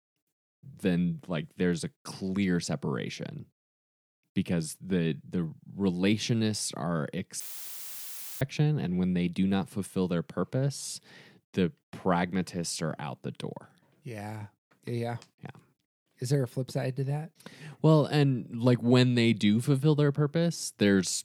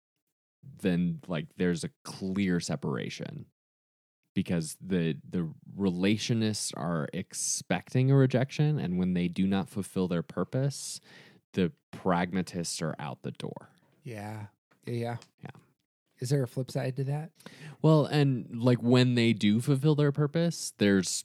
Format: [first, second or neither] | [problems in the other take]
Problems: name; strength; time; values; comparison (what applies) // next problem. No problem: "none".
second | audio cutting out; filled with static; at 7.5 s for 1 s